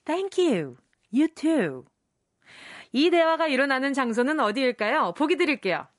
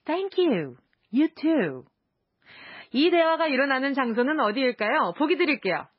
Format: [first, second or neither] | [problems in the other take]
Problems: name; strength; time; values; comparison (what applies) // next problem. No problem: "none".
first | garbled, watery; badly; slightly in the first